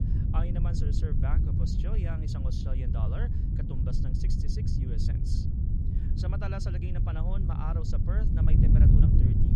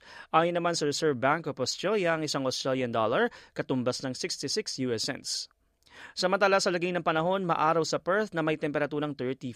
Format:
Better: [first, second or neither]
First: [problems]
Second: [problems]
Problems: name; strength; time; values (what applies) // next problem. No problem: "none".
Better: second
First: wind noise on the microphone; heavy; 2 dB above the speech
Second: none